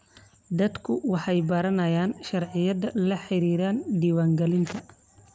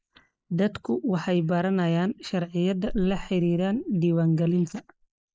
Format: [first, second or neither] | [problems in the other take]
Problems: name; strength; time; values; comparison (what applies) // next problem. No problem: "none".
first | noise reduction (neural mask model Resemble Enhance denoiser)